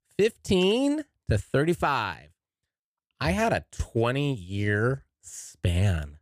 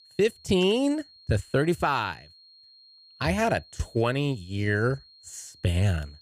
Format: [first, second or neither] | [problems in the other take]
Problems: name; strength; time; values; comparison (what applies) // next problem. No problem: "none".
first | high-pitched whine; faint; throughout; 4 kHz, 25 dB below the speech